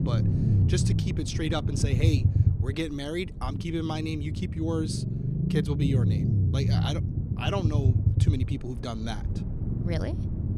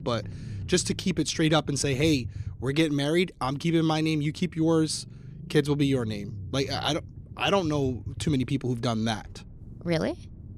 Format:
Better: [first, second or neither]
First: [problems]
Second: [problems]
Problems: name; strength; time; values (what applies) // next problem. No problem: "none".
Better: second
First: low rumble; loud; throughout; 4 dB below the speech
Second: low rumble; faint; throughout; 25 dB below the speech